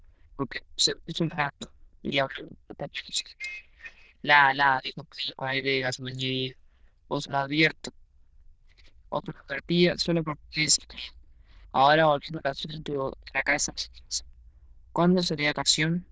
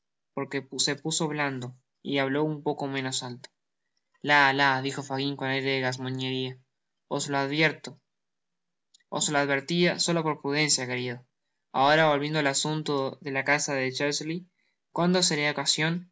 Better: second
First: noise reduction (neural diffusion model UNIVERSE++)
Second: none

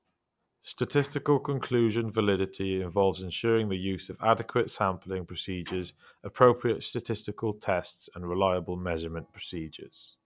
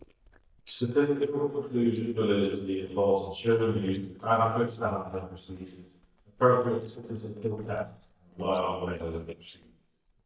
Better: first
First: none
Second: noise reduction (neural mask model DeepFilterNet 3)

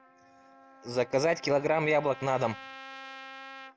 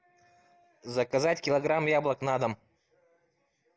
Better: second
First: background sound (Trumpet); 17 dB below the speech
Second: none

